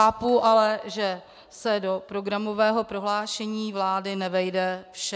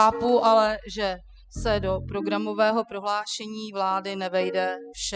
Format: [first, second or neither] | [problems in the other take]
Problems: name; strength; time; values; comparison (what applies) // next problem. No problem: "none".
first | noise reduction (classical method spectral subtraction)